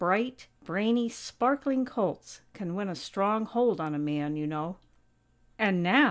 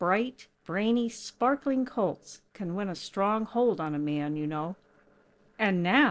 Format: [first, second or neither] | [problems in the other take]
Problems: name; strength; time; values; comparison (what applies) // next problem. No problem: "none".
first | noise reduction (neural separator model SepFormer DNS4)